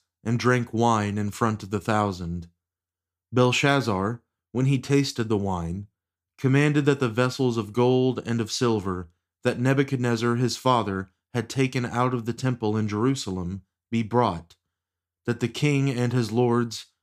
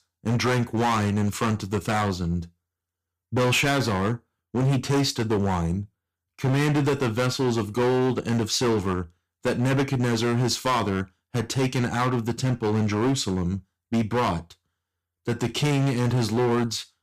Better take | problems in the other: first | distortion; heavy; 15% of the sound clipped

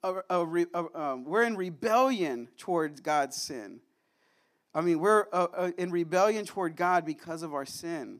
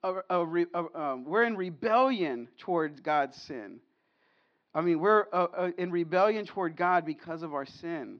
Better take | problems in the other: first | muffled; slightly; fading above 4 kHz

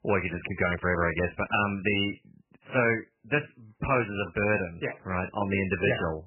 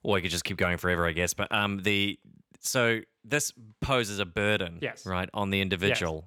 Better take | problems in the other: second | garbled, watery; badly; nothing above 3 kHz

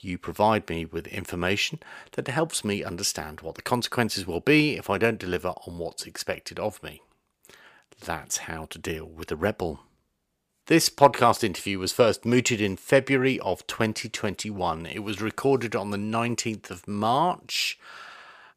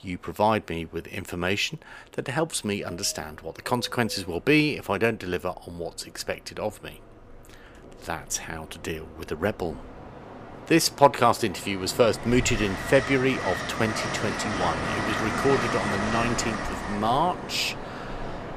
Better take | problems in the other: first | train or aircraft noise; loud; throughout; 5 dB below the speech

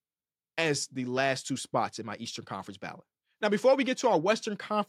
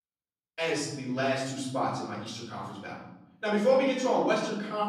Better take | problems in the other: first | off-mic speech; far // room echo; noticeable; dies away in 0.9 s

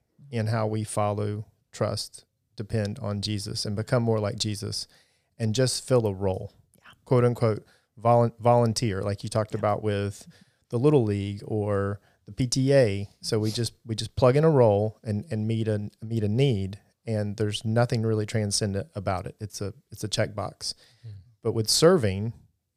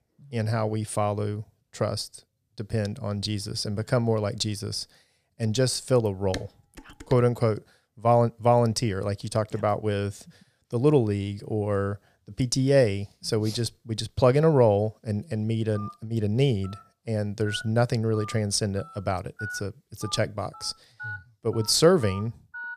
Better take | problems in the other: first | clattering dishes; faint; at 6.5 s; peak 15 dB below the speech // phone ringing; faint; from 16 s on; peak 10 dB below the speech

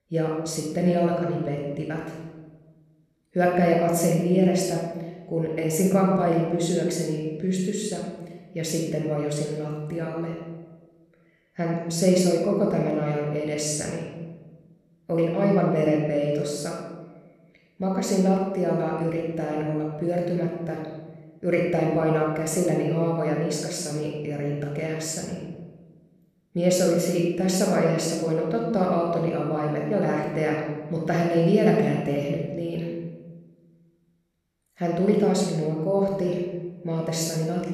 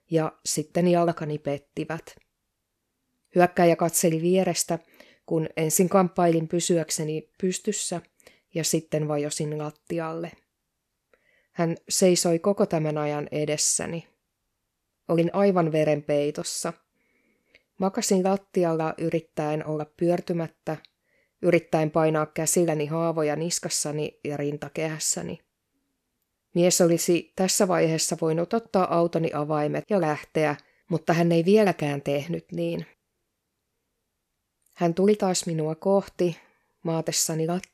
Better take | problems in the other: second | off-mic speech; somewhat distant // room echo; noticeable; dies away in 1.2 s

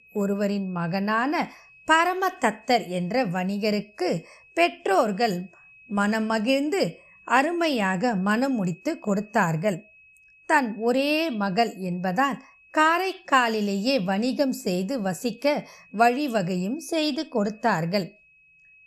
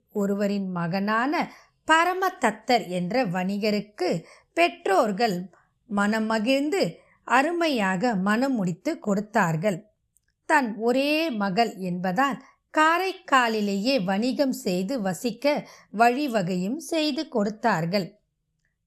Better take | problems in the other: second | high-pitched whine; faint; throughout; 2.5 kHz, 25 dB below the speech

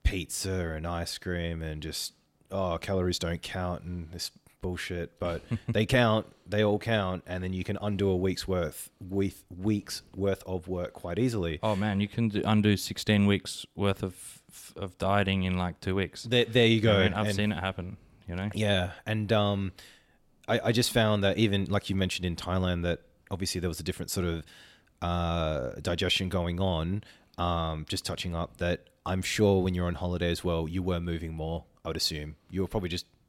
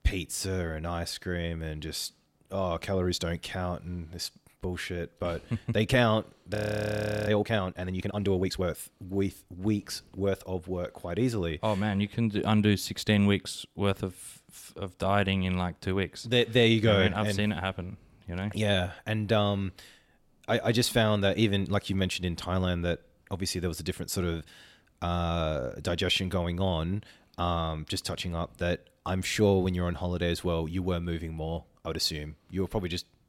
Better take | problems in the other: first | audio freezing; at 6.5 s for 0.5 s

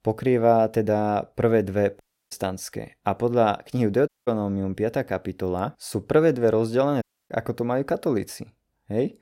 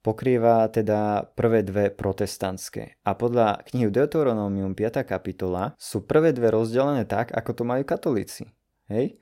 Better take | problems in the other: second | audio cutting out; at 2 s, at 4 s and at 7 s

